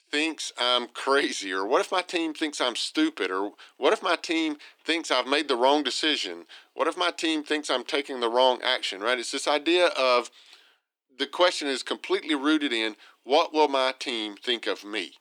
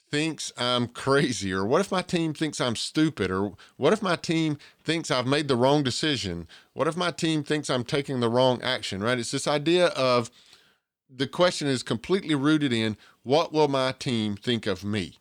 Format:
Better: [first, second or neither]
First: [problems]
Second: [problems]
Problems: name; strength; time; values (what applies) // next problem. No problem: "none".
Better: second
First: thin; somewhat; fading below 300 Hz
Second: none